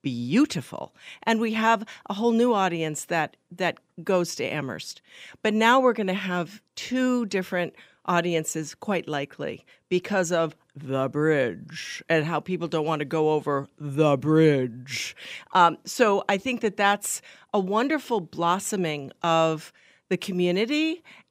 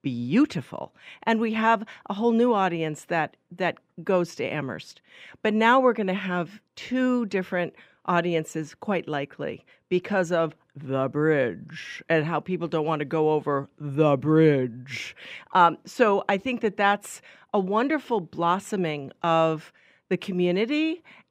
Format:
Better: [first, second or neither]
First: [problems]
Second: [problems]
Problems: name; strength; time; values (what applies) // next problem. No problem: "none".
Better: first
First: none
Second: muffled; slightly; fading above 4 kHz